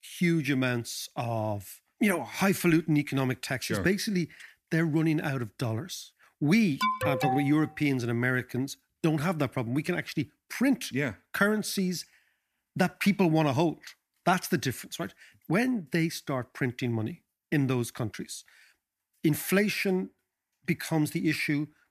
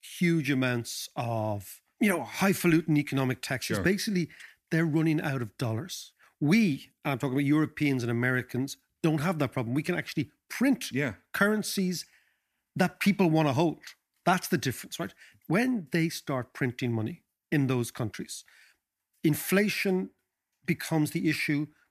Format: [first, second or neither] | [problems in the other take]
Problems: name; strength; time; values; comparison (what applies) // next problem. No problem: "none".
second | alarm; loud; at 7 s; peak level with the speech